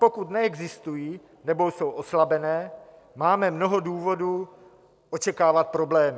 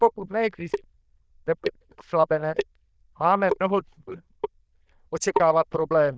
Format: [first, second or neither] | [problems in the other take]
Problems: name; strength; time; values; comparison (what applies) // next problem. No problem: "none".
first | noise reduction (neural diffusion model UNIVERSE++)